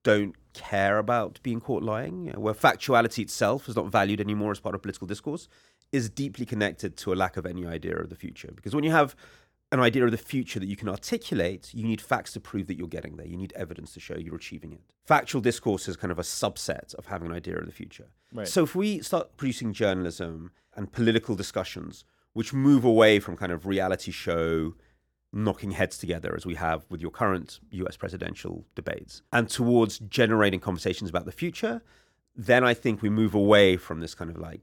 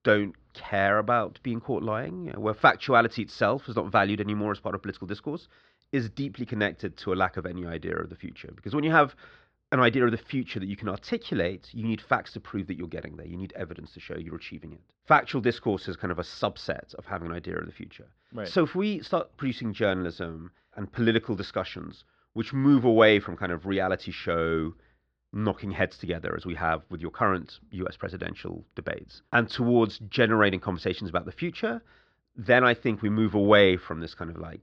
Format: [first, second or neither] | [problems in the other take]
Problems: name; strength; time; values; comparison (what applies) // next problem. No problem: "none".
first | muffled; very slightly; fading above 4.5 kHz